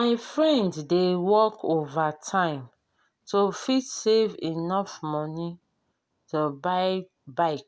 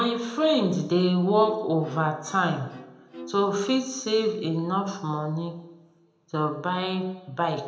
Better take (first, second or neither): first